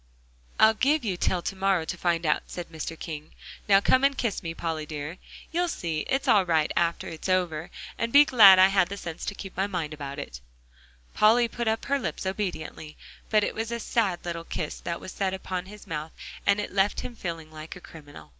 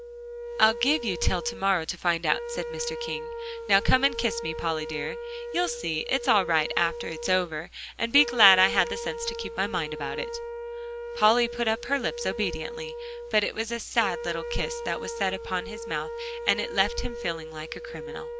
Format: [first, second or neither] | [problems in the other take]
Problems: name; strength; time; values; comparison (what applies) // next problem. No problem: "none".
first | background sound (Wind instrument, woodwind instrument); 8 dB below the speech